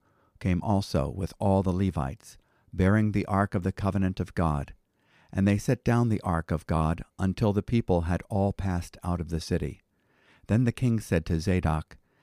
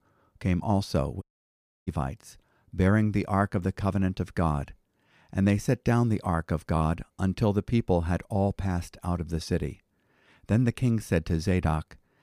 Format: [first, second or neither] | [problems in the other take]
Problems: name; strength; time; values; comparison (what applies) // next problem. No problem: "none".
first | audio cutting out; at 1 s for 0.5 s